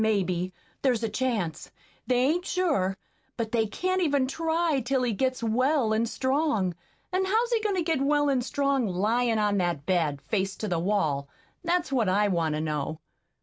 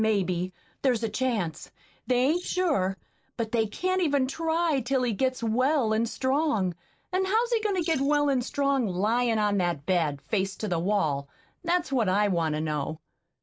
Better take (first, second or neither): first